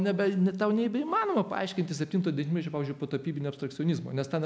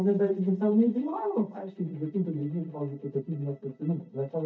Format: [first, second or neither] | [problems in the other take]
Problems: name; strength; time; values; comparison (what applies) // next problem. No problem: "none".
first | noise reduction (neural mask model DeepFilterNet 3)